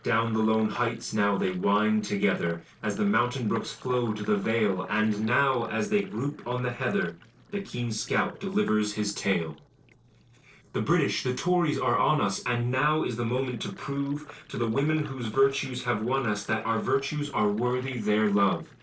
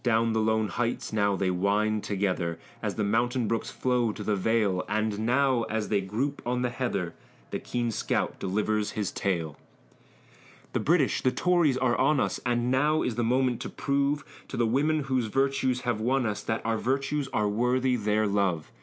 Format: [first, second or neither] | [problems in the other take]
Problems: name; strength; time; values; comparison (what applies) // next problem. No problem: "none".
second | noise reduction (neural separator model SepFormer DNS4)